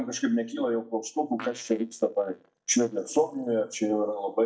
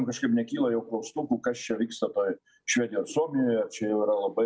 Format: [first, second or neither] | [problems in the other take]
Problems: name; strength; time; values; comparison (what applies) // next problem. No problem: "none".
second | noise reduction (neural mask model DeepFilterNet 3)